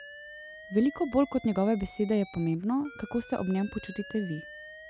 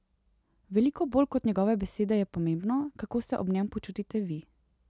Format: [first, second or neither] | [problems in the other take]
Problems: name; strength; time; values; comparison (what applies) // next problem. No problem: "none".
second | background sound (Alarm); 18 dB below the speech